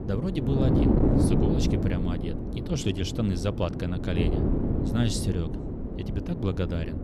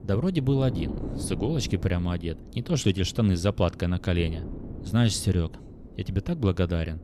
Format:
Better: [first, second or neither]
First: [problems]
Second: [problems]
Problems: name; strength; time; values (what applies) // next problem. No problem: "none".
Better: second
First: wind noise on the microphone; heavy; 1 dB above the speech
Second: wind noise on the microphone; occasional gusts; 15 dB below the speech